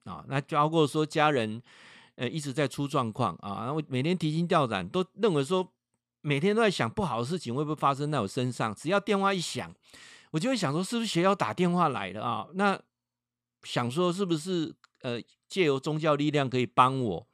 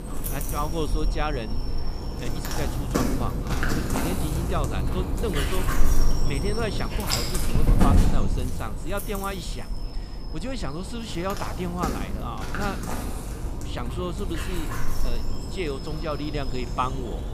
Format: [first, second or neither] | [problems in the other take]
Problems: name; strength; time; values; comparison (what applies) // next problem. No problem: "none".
first | animal sounds; very loud; throughout; 4 dB above the speech